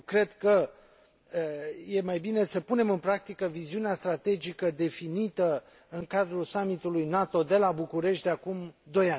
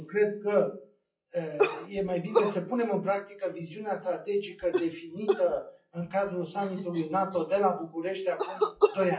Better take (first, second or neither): first